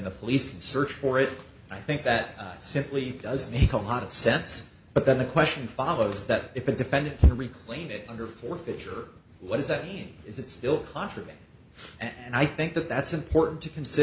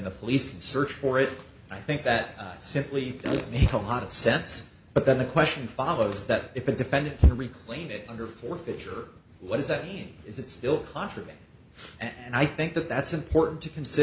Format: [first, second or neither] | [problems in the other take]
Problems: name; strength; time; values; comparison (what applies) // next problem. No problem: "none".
first | background sound (Fart); 9 dB below the speech